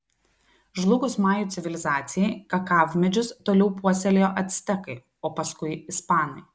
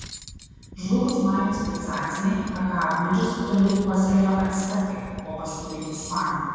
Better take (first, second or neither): first